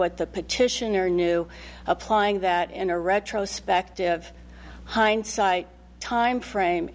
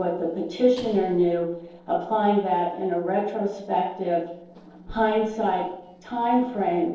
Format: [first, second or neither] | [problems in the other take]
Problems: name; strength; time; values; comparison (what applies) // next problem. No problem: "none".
first | noise reduction (neural separator model SepFormer DNS4)